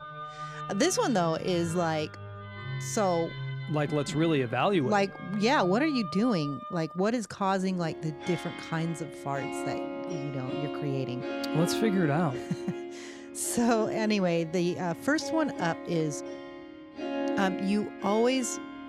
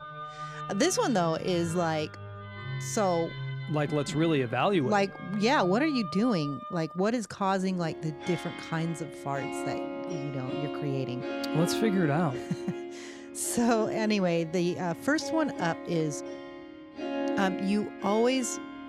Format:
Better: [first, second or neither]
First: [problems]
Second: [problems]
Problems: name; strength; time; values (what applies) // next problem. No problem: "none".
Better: neither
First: background music; loud; throughout; 9 dB below the speech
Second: background music; loud; throughout; 9 dB below the speech